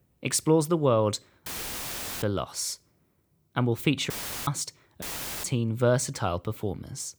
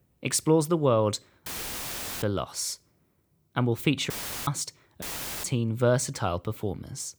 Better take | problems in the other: neither | audio cutting out; filled with static; at 1.5 s for 1 s, at 4 s and at 5 s; the same in both

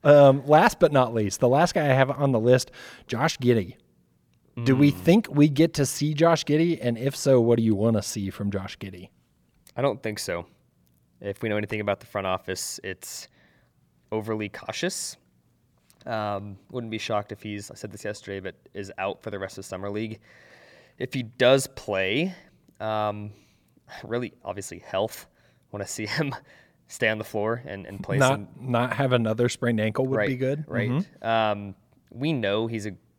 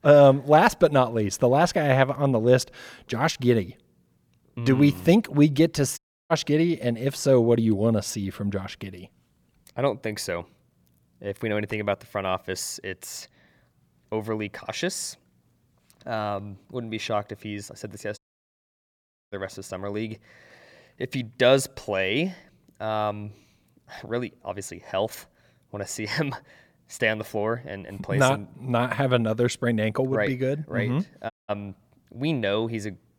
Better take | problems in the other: first | audio cutting out; at 6 s, at 18 s for 1 s and at 31 s

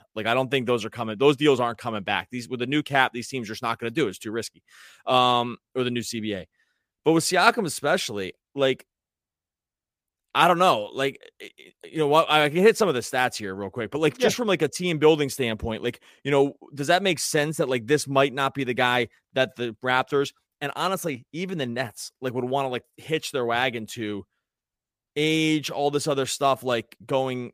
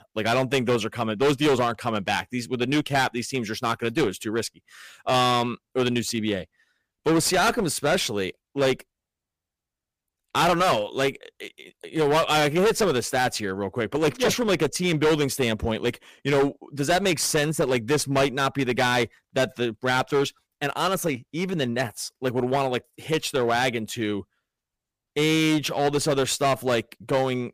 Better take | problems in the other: first | distortion; heavy; 11% of the sound clipped

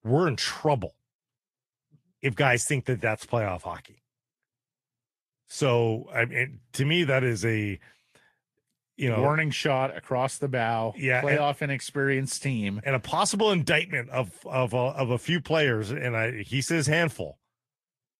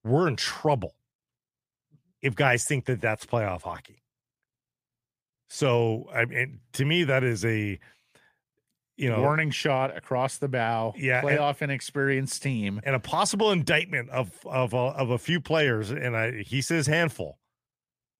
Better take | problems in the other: second | garbled, watery; slightly

